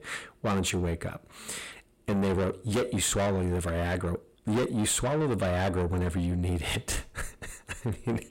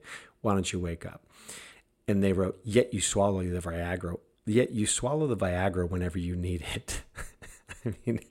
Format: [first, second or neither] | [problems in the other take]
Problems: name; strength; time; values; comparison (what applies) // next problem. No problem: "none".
second | distortion; heavy; 6 dB below the speech